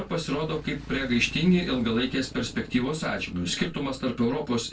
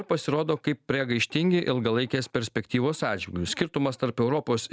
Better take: second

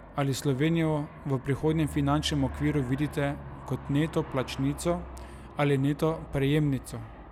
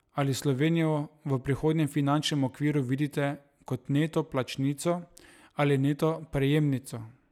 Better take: second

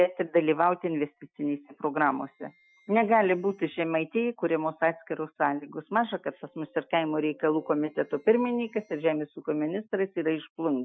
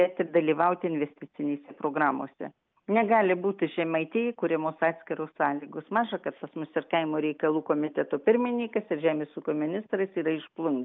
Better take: second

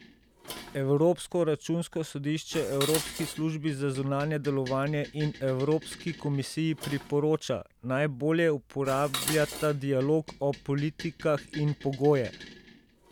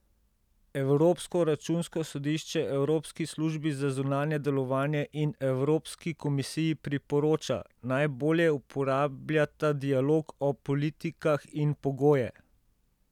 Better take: second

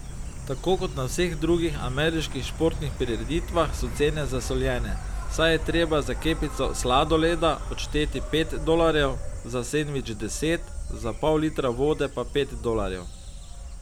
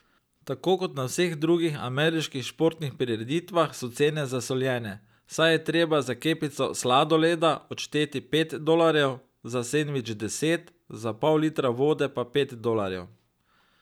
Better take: second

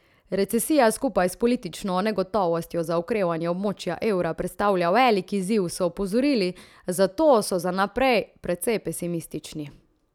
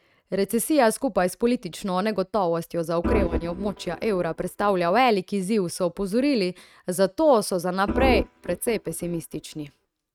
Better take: first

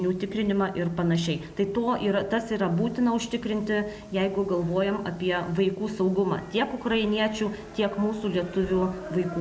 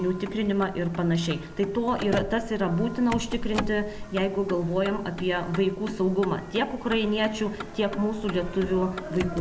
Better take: first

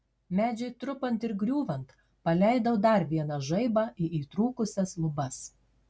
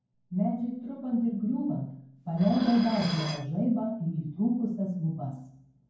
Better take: first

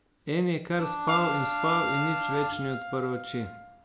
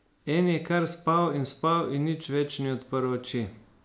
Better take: second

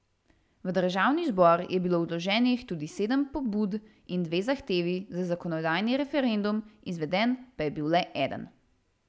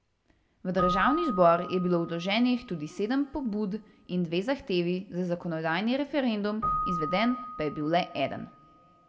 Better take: first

